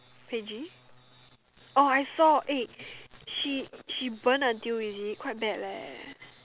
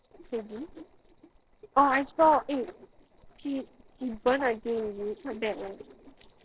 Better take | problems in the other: first | noise reduction (neural separator model SepFormer DNS4)

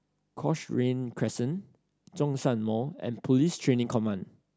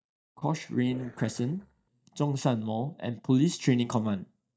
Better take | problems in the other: first | noise reduction (neural mask model DeepFilterNet 3)

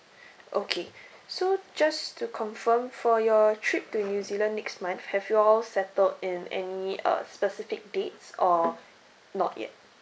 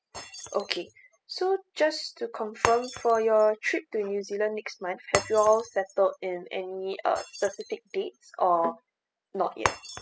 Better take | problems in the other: first | noise reduction (classical method spectral subtraction)

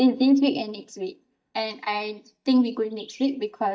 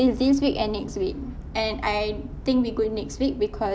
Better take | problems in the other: second | noise reduction (neural mask model DeepFilterNet 3)

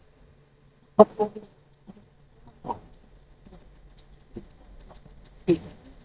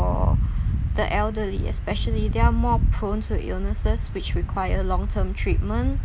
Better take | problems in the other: second | noise reduction (neural mask model DeepFilterNet 3)

